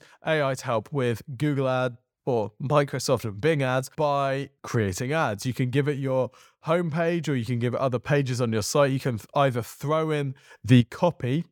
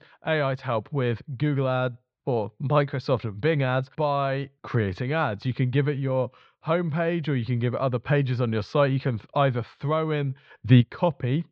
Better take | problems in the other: first | muffled; slightly; fading above 4 kHz

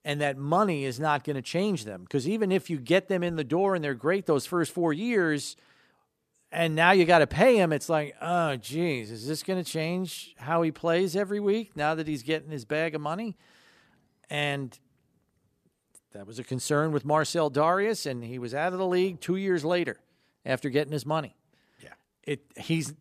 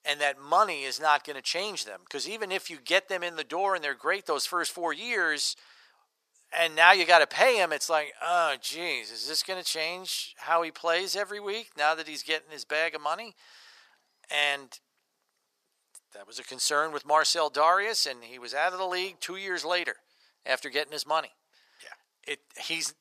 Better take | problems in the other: first | thin; very; fading below 850 Hz

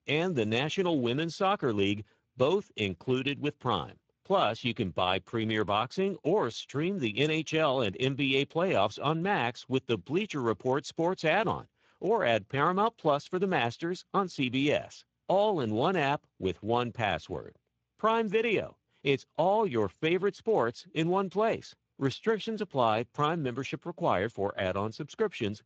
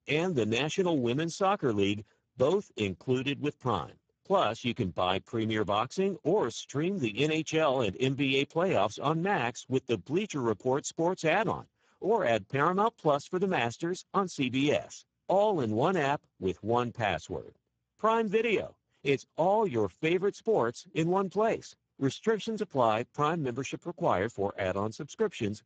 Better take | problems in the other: first | garbled, watery; badly; nothing above 7.5 kHz; slightly in the first

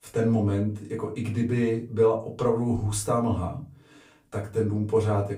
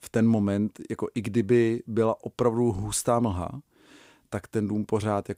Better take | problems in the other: second | off-mic speech; far // room echo; very slight; dies away in 0.3 s

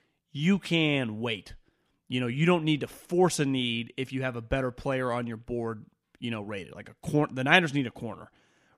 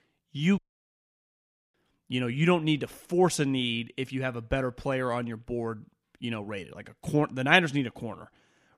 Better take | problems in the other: first | audio cutting out; at 0.5 s for 1 s

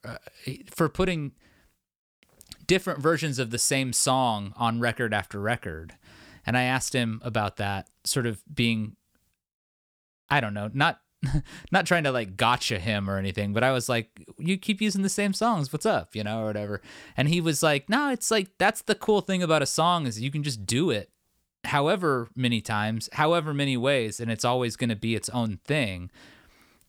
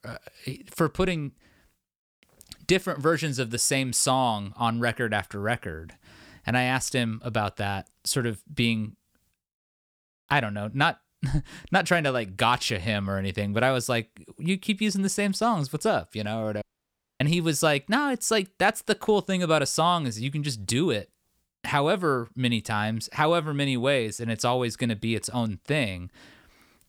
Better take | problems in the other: first | audio cutting out; at 17 s for 0.5 s

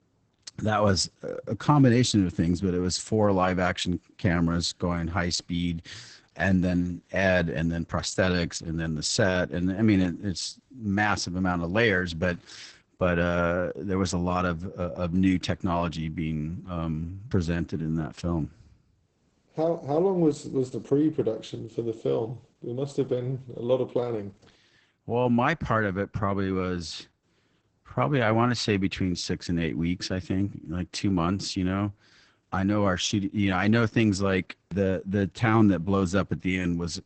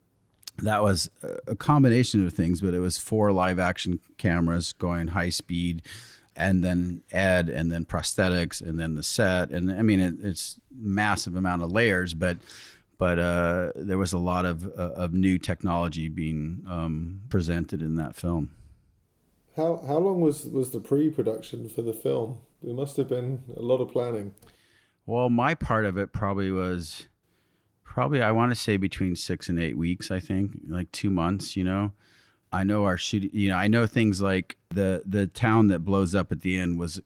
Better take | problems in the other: second | garbled, watery; badly; nothing above 8 kHz; slightly in the second

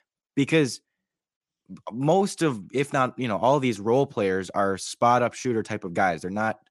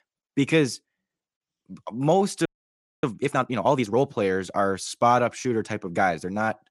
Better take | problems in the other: first | audio freezing; at 2.5 s for 0.5 s

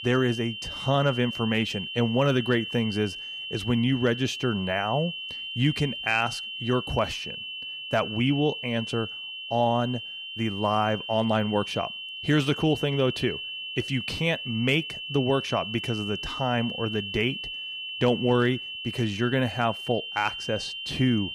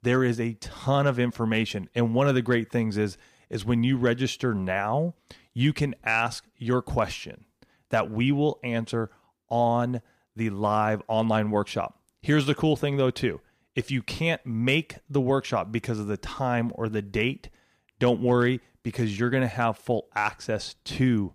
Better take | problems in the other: second | high-pitched whine; loud; throughout; 3 kHz, 6 dB below the speech

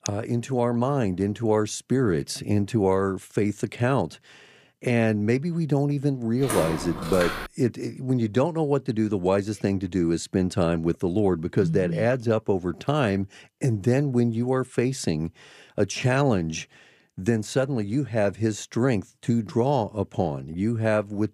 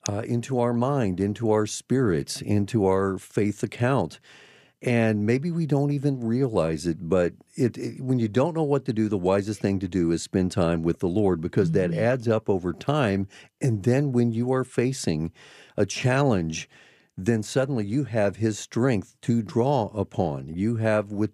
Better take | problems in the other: second | footsteps; noticeable; from 6.5 to 7.5 s; peak 4 dB below the speech

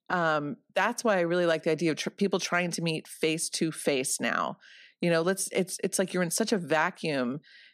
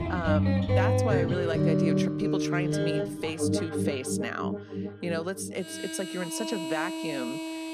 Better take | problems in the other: first | background music; very loud; throughout; 5 dB above the speech

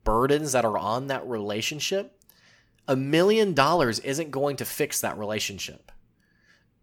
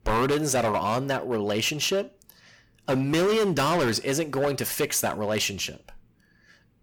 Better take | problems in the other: first | distortion; heavy; 13% of the sound clipped

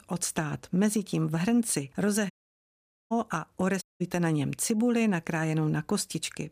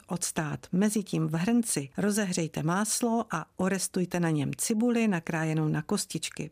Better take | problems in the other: second | audio cutting out; at 2.5 s for 1 s and at 4 s

